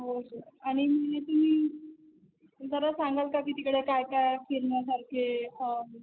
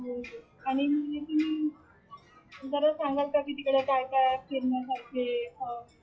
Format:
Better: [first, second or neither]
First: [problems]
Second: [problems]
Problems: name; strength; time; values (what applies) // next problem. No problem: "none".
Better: first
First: none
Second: noise reduction (classical method WPE with log-MMSE)